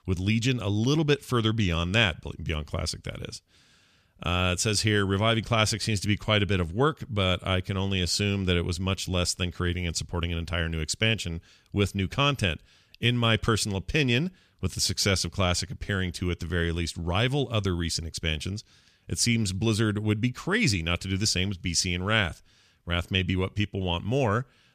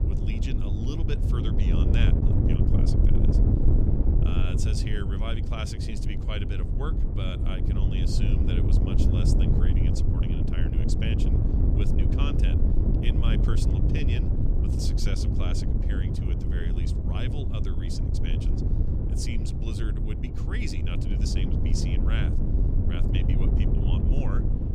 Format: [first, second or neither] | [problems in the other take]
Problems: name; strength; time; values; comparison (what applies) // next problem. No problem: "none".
first | wind noise on the microphone; heavy; 1 dB above the speech